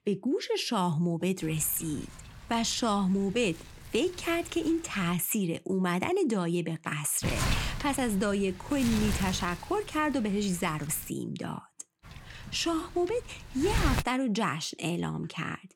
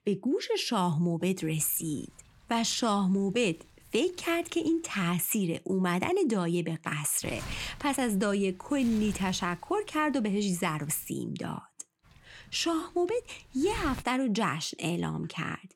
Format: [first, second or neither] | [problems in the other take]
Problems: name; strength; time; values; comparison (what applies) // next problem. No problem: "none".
second | wind noise on the microphone; heavy; from 1.5 to 5 s, from 7 to 11 s and from 12 to 14 s; 8 dB below the speech; occasional gusts in the second